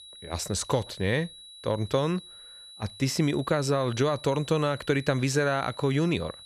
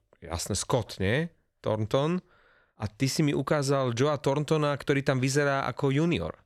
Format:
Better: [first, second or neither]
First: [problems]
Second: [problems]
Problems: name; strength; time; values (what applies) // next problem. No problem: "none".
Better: second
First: high-pitched whine; noticeable; throughout; 4 kHz, 15 dB below the speech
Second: none